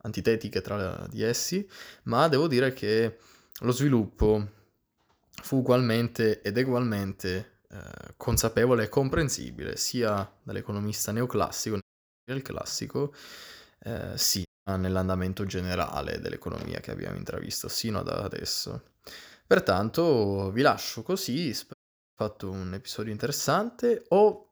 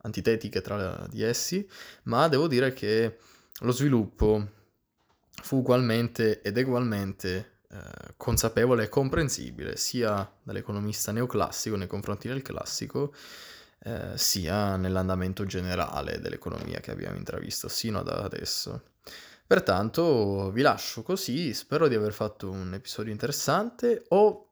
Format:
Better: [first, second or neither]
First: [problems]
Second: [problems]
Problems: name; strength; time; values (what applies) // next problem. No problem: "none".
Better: second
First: audio cutting out; at 12 s, at 14 s and at 22 s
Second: none